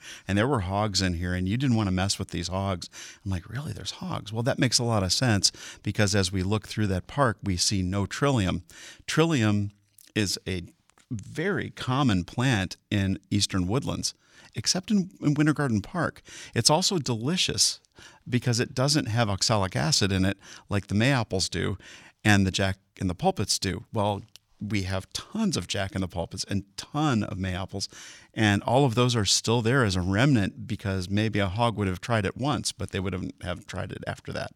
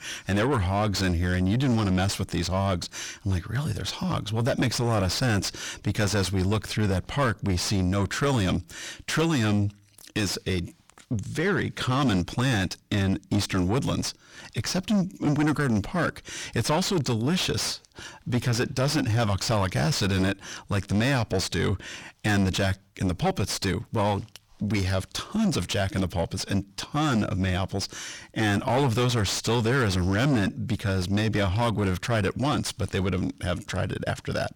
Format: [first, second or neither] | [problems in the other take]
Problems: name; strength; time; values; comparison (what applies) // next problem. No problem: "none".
first | distortion; heavy; 5 dB below the speech